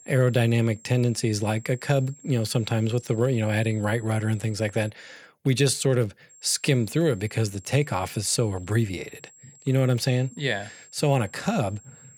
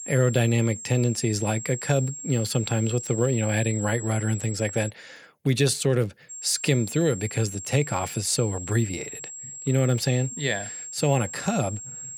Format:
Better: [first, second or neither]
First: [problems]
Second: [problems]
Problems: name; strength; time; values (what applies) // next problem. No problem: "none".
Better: first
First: high-pitched whine; faint; until 5 s and from 6.5 s on; 7.5 kHz, 25 dB below the speech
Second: high-pitched whine; loud; until 5 s and from 6.5 s on; 7.5 kHz, 10 dB below the speech